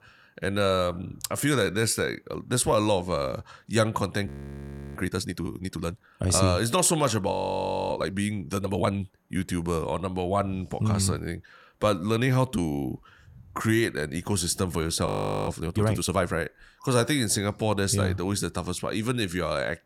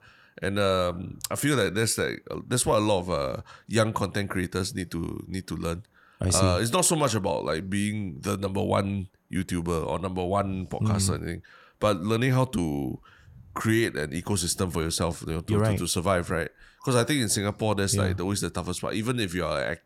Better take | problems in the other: second | audio freezing; at 4.5 s for 0.5 s, at 7.5 s for 0.5 s and at 15 s

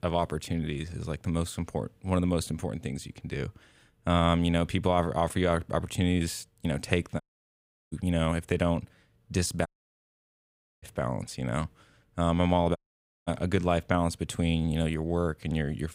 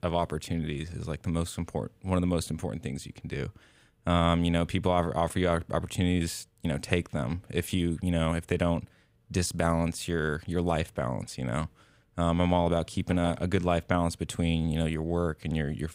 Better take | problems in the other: second | audio cutting out; at 7 s for 0.5 s, at 9.5 s for 1 s and at 13 s for 0.5 s

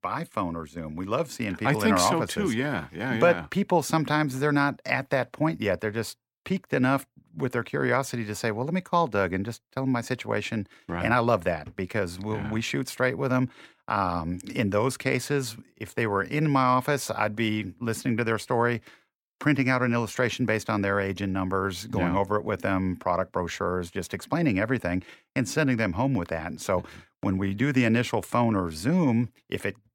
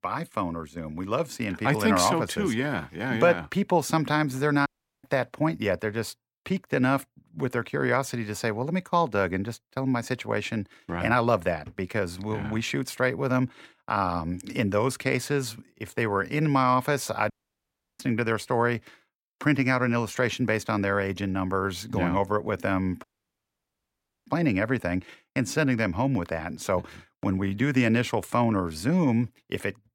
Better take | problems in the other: first | audio cutting out; at 4.5 s, at 17 s for 0.5 s and at 23 s for 1 s

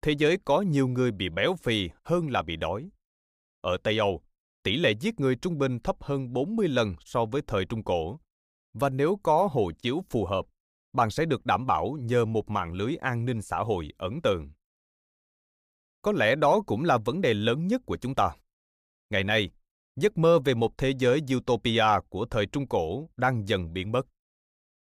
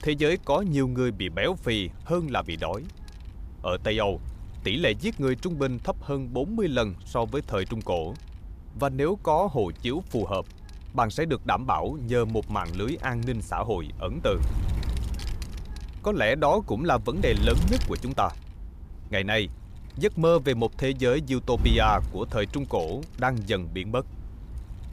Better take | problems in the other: first | wind noise on the microphone; occasional gusts; 20 dB below the speech

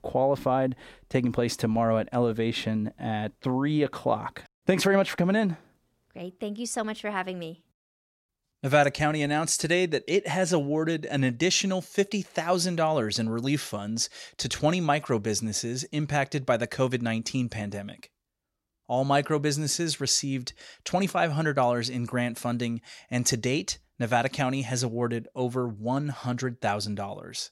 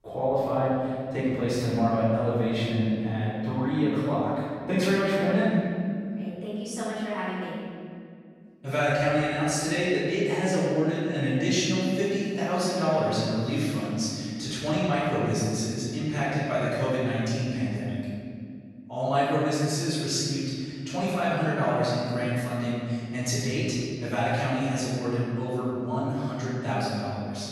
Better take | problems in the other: first | off-mic speech; far // room echo; strong; dies away in 2.4 s

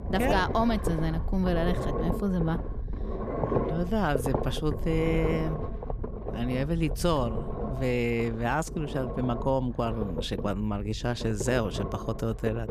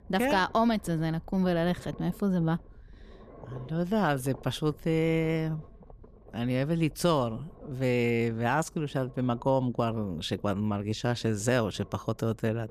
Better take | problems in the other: second | low rumble; loud; throughout; 6 dB below the speech; faint in the second

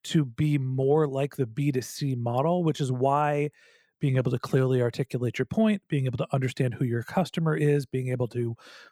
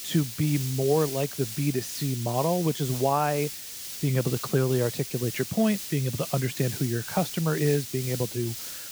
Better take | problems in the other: first | hiss; loud; throughout; 7 dB below the speech

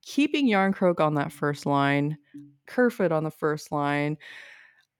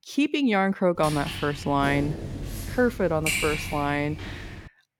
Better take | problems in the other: first | footsteps; loud; from 1 s on; peak level with the speech

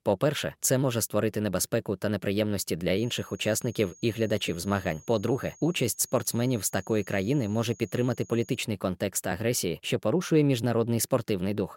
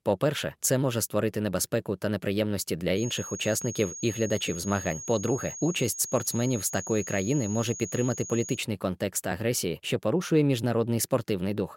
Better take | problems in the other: first | high-pitched whine; loud; from 3 to 8.5 s; 6.5 kHz, 9 dB below the speech; faint in the first

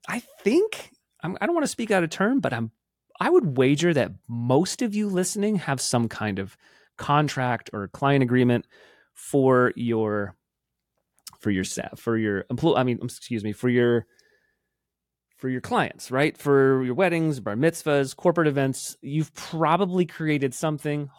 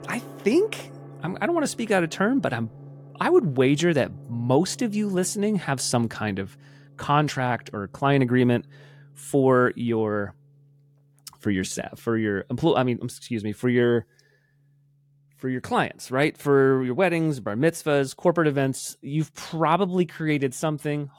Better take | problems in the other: first | background music; faint; throughout; 25 dB below the speech

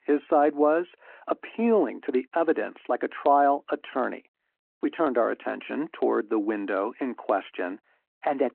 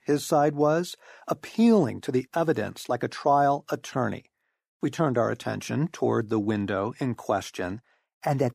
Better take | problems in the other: second | phone-call audio

